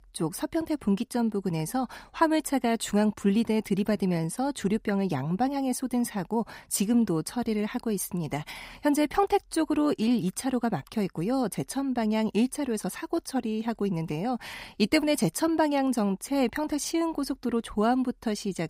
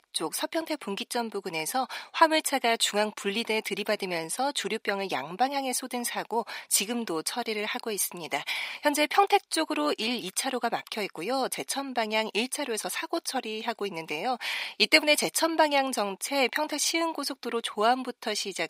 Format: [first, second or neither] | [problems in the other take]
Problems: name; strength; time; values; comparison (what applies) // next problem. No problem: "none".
first | thin; somewhat; fading below 550 Hz